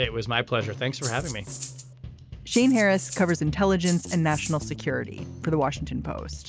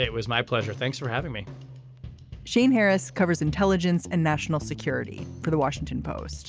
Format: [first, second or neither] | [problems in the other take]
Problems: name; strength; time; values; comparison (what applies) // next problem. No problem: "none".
second | background sound (Rattle (instrument)); 12 dB below the speech